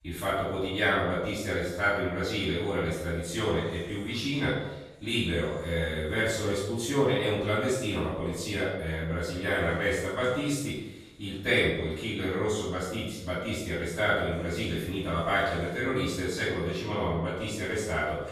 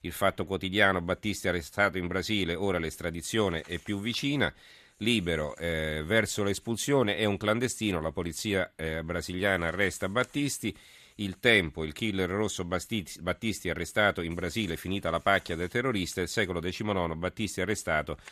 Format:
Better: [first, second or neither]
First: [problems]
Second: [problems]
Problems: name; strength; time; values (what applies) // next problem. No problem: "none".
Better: second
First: off-mic speech; far // room echo; noticeable; dies away in 0.8 s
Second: none